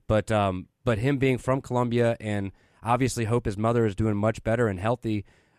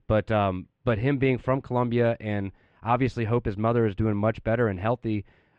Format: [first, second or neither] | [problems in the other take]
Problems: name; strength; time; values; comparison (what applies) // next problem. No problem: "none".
first | muffled; slightly; fading above 3.5 kHz